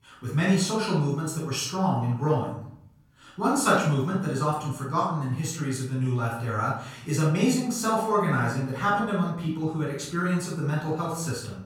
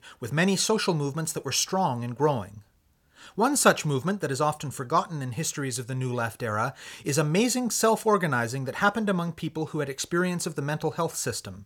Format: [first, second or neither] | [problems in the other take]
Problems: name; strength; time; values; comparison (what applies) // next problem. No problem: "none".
second | room echo; noticeable; dies away in 0.7 s // off-mic speech; far